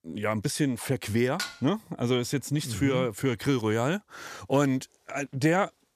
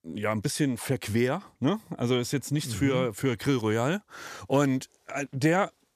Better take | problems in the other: second | clattering dishes; noticeable; at 1.5 s; peak 7 dB below the speech

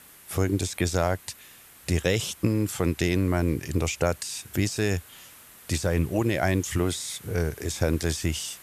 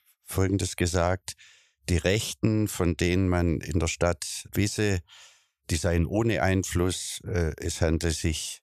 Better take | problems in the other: second | hiss; faint; throughout; 20 dB below the speech

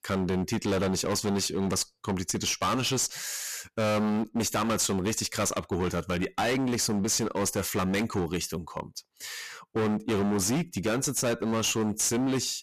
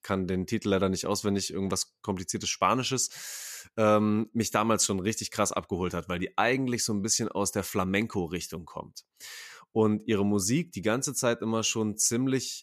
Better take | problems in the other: second | distortion; heavy; 24% of the sound clipped

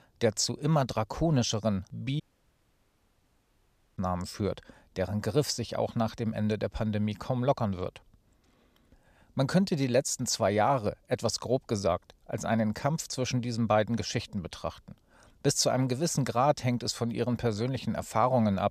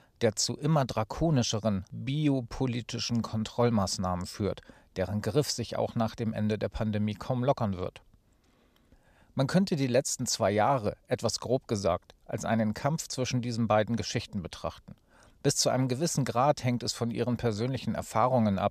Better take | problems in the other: second | audio cutting out; at 2 s for 2 s

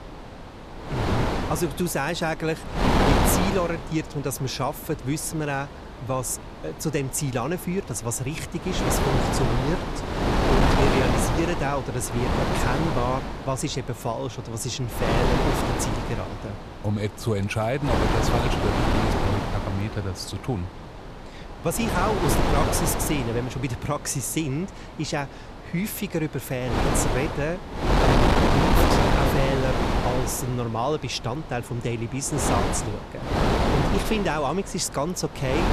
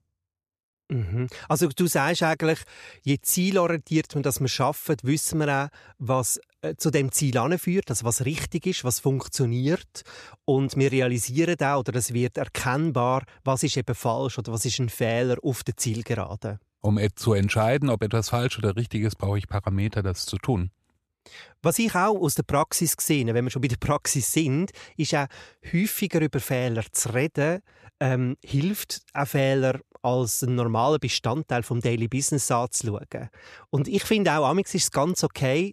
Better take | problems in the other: second | wind noise on the microphone; heavy; 3 dB above the speech

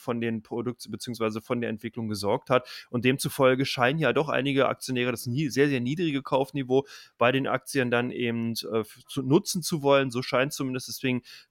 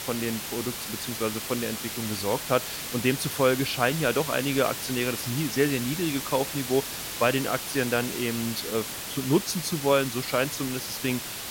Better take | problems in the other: first | hiss; loud; throughout; 5 dB below the speech

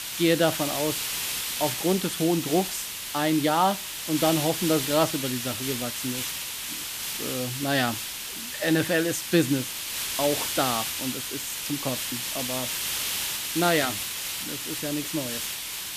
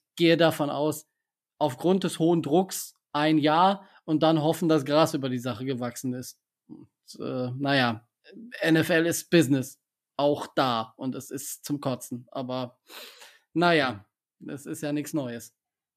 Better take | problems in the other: second | hiss; loud; throughout; 2 dB below the speech

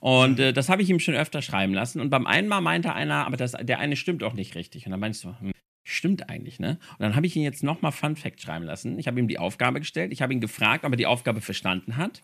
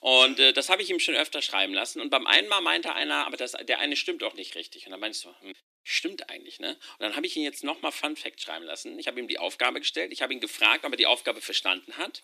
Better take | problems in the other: first | thin; somewhat; fading below 300 Hz

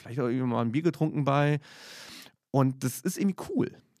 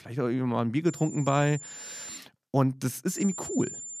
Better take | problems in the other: first | high-pitched whine; noticeable; from 1 to 2 s and at 3 s; 7 kHz, 10 dB below the speech

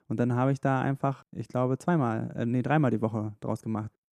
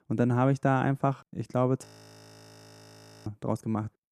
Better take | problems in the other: first | audio freezing; at 2 s for 1.5 s

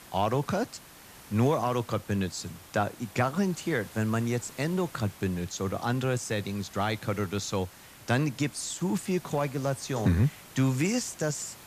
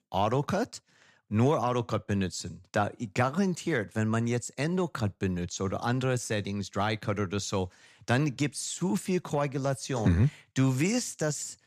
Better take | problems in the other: second | hiss; noticeable; throughout; 20 dB below the speech

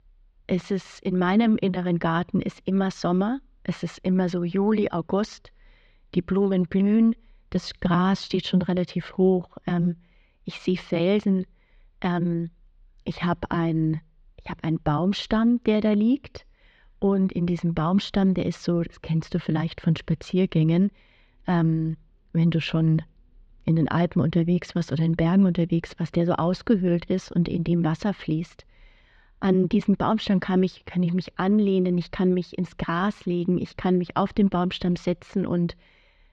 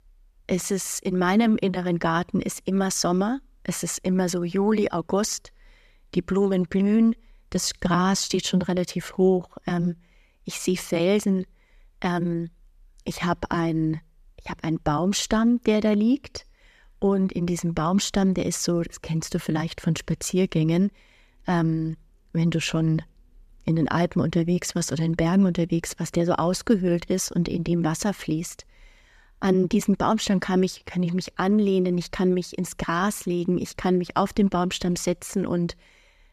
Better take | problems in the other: second | muffled; slightly; fading above 4 kHz

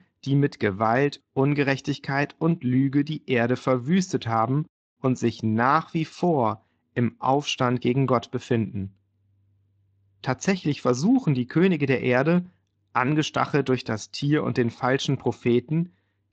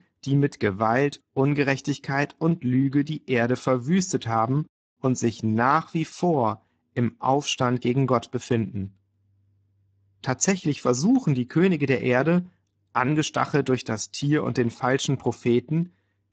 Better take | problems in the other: first | garbled, watery; badly; nothing above 7.5 kHz; slightly in the first

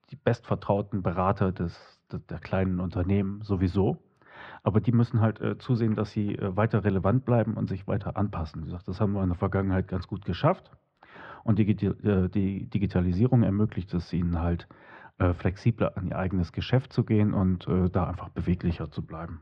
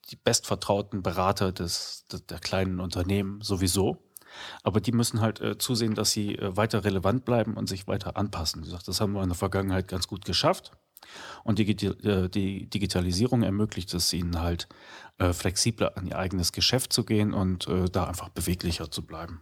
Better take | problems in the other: second | muffled; very; fading above 2 kHz

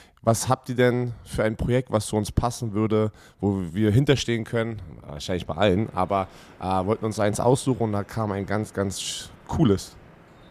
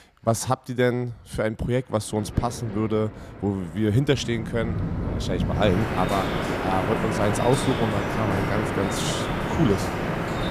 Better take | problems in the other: first | rain or running water; loud; throughout; 1 dB below the speech; faint in the first

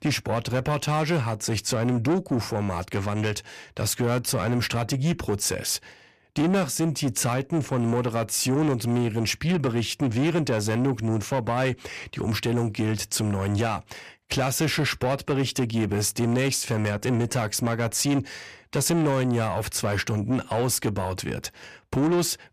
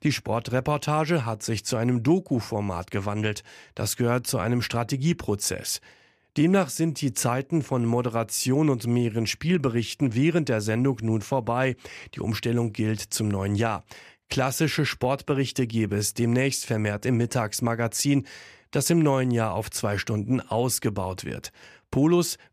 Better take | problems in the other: second | distortion; slight; 10 dB below the speech

